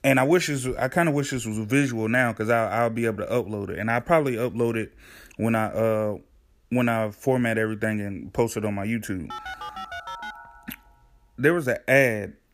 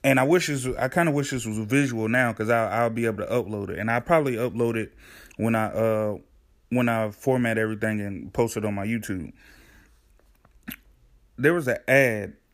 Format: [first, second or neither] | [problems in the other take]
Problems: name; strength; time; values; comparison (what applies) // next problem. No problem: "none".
second | phone ringing; faint; from 9.5 to 11 s; peak 10 dB below the speech